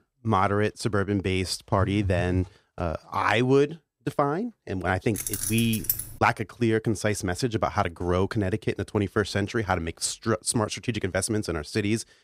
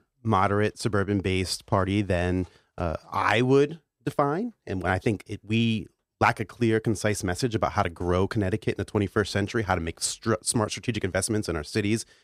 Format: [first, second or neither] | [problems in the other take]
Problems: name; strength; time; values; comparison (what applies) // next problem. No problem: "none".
second | phone ringing; noticeable; at 2 s; peak 5 dB below the speech // jangling keys; noticeable; at 5 s; peak 1 dB below the speech